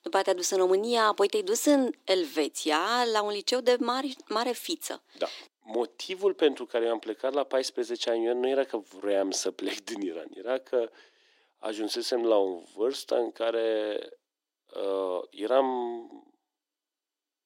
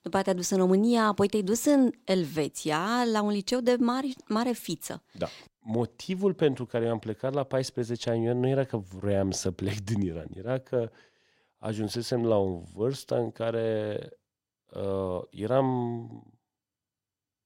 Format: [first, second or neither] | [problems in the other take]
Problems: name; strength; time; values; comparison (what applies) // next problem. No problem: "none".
second | thin; somewhat; fading below 300 Hz